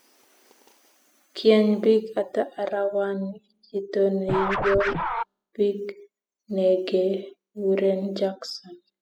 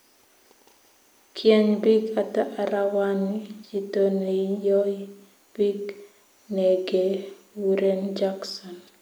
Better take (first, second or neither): second